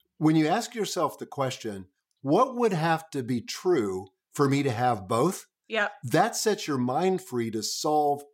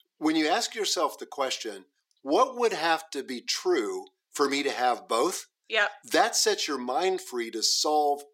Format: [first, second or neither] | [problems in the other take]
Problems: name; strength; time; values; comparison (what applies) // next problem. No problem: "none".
first | thin; somewhat; fading below 300 Hz